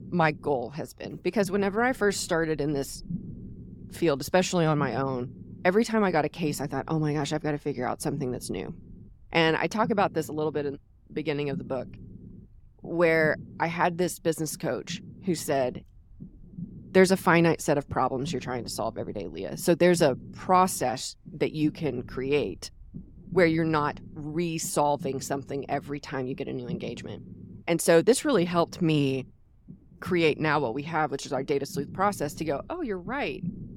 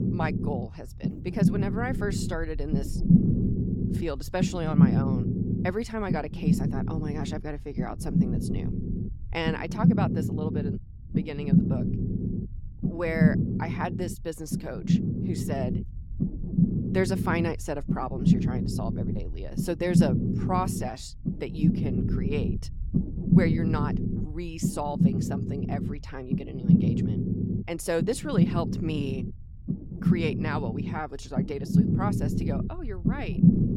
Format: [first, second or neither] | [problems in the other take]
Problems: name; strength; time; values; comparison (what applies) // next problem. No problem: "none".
first | low rumble; loud; throughout; 1 dB below the speech; faint in the first